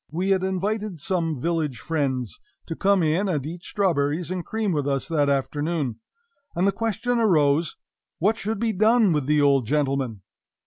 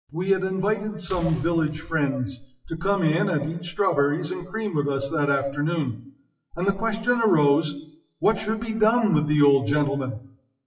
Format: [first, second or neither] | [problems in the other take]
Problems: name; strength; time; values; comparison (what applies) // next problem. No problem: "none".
first | noise reduction (classical method WPE with log-MMSE)